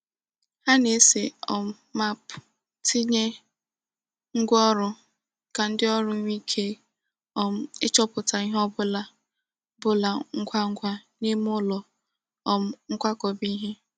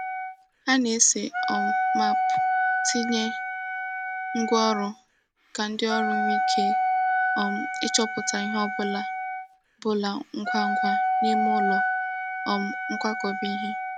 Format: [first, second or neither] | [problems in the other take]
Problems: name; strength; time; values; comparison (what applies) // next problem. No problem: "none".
first | background sound (Wind instrument, woodwind instrument); 2 dB above the speech